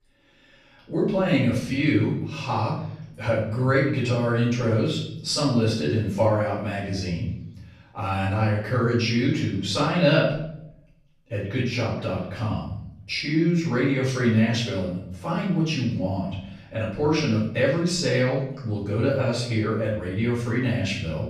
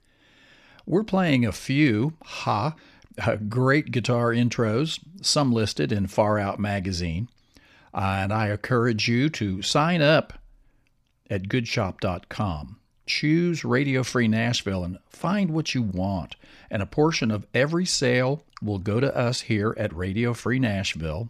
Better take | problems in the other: second | off-mic speech; far // room echo; noticeable; dies away in 0.7 s

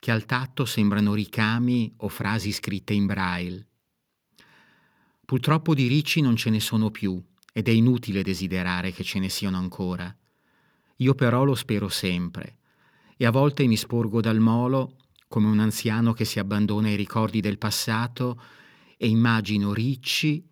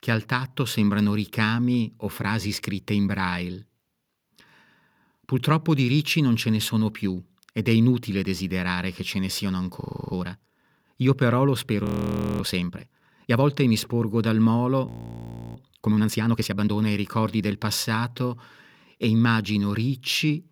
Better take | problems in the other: first | audio freezing; at 10 s, at 12 s for 0.5 s and at 15 s for 0.5 s

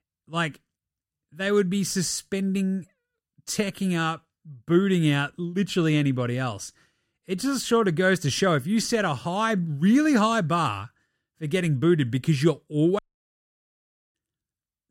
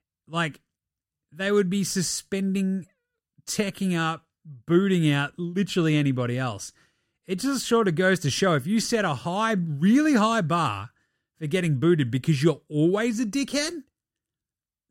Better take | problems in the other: second | audio cutting out; at 13 s for 1 s

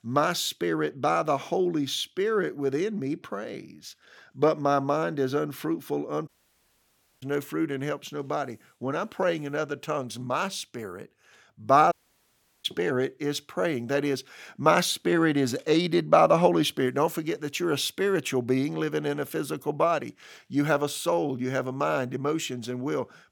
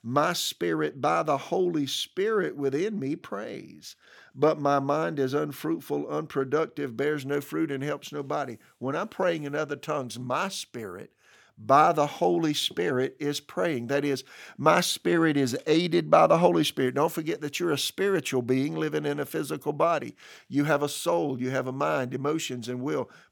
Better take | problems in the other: second | audio cutting out; at 6.5 s for 1 s and at 12 s for 0.5 s

